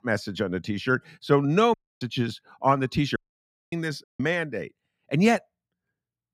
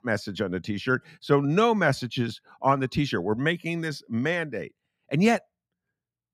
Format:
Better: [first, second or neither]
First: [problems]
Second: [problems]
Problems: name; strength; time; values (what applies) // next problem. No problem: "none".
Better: second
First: audio cutting out; at 1.5 s, at 3 s for 0.5 s and at 4 s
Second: none